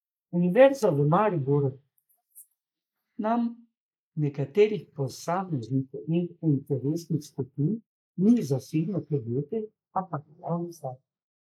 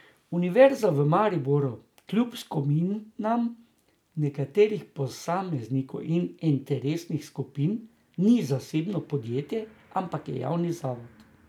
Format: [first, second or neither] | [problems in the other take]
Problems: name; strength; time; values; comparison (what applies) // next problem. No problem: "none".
second | noise reduction (neural mask model Resemble Enhance denoiser)